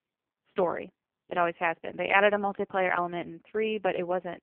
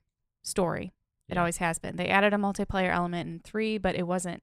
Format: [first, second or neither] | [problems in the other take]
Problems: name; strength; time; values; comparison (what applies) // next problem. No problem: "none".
second | phone-call audio; poor line; nothing above 3 kHz